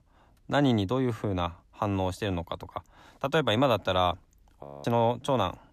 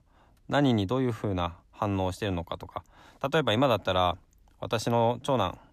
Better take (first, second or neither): second